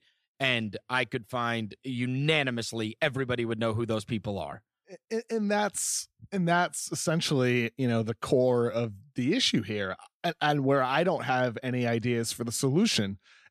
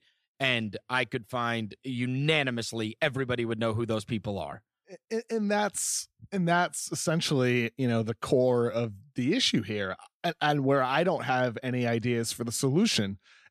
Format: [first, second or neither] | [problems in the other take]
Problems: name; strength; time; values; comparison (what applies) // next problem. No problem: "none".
neither | none